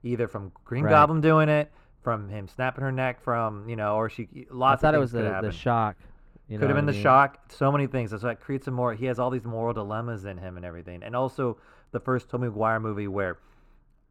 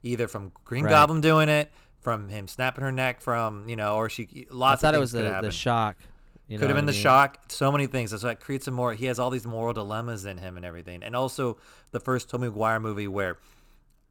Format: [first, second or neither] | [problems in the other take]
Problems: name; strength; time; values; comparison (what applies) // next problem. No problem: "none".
second | muffled; very; fading above 3 kHz